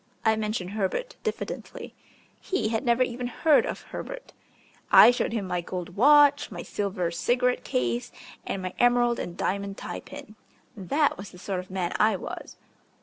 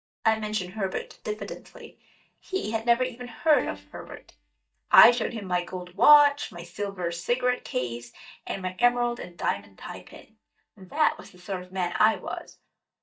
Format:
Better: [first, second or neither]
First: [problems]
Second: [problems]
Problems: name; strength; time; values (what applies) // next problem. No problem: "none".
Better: first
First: none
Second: noise reduction (neural mask model DeepFilterNet 3)